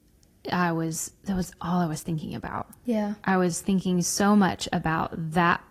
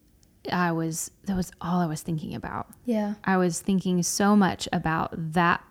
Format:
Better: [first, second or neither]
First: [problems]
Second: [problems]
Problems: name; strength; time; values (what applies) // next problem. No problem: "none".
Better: second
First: garbled, watery; slightly; nothing above 13 kHz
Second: none